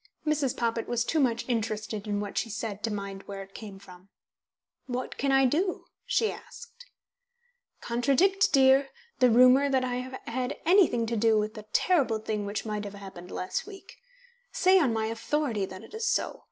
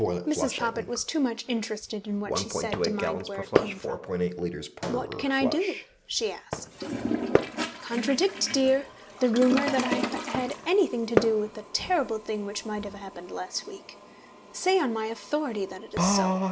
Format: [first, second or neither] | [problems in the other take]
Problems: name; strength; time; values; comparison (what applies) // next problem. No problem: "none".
first | background sound (Toilet flush + Fireworks); 2 dB below the speech